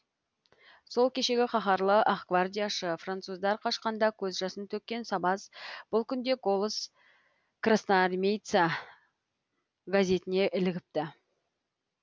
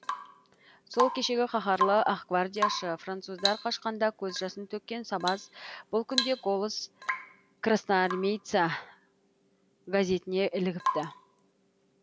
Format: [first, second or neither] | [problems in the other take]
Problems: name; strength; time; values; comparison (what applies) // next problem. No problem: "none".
first | background sound (Drip / Water tap, faucet / Rain); 7 dB below the speech